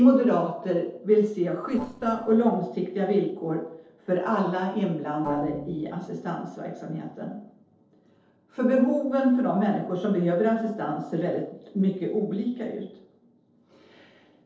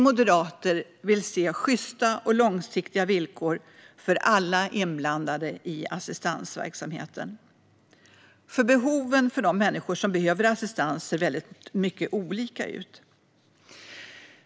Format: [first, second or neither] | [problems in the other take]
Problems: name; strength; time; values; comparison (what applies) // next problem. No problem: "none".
second | noise reduction (neural separator model SepFormer DNS4)